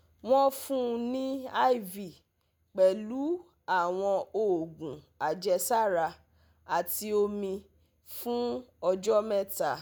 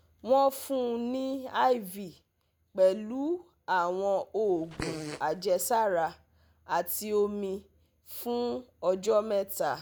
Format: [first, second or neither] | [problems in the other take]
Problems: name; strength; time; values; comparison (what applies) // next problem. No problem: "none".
first | background sound (Fart); 11 dB below the speech